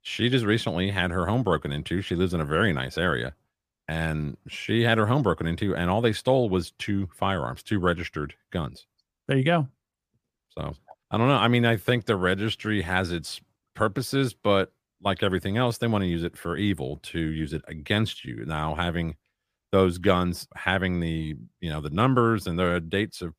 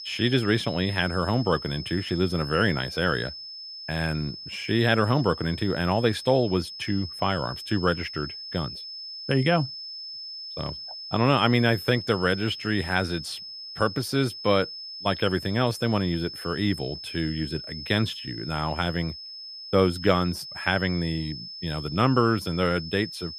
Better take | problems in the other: first | high-pitched whine; noticeable; throughout; 5 kHz, 10 dB below the speech

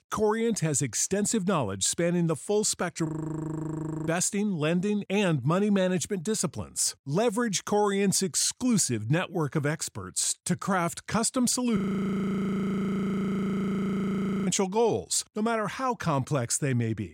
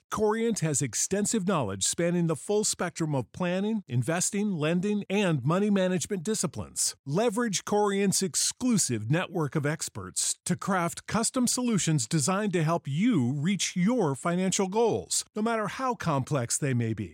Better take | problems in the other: second | audio freezing; at 3 s for 1 s and at 12 s for 2.5 s

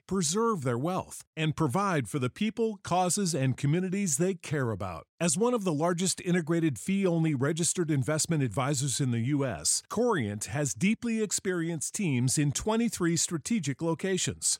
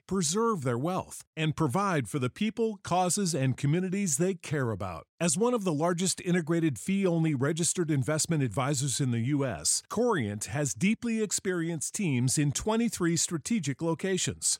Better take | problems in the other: neither | none

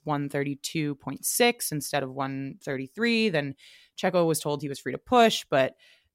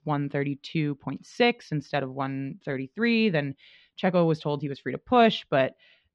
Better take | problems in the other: first | muffled; slightly; fading above 4 kHz

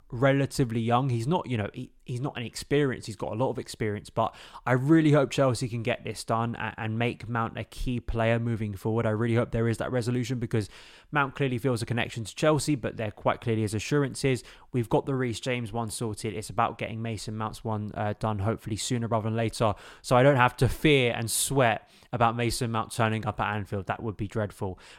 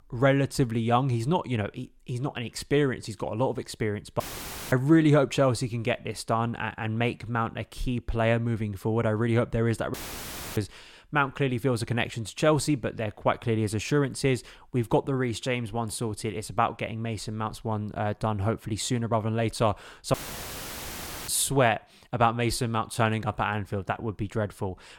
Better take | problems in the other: first | audio cutting out; filled with static; at 4 s for 0.5 s, at 10 s for 0.5 s and at 20 s for 1 s

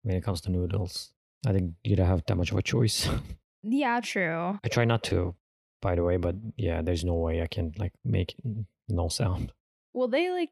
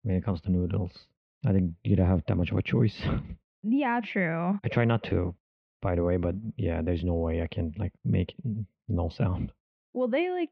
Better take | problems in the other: first | muffled; very; fading above 3 kHz

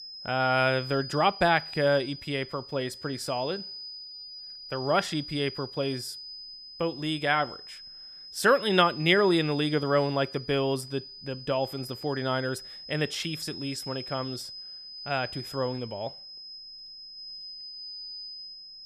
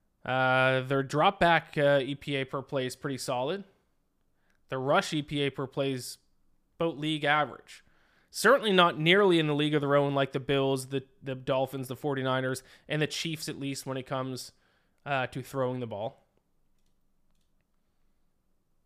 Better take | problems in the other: second | high-pitched whine; noticeable; throughout; 5 kHz, 10 dB below the speech

